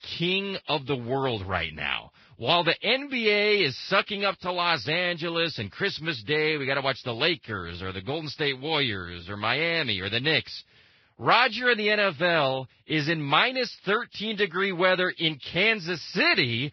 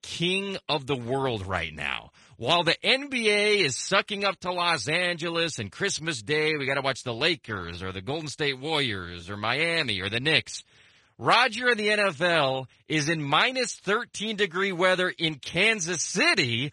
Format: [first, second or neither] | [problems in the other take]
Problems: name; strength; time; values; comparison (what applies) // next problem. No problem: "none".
second | garbled, watery; badly; slightly in the second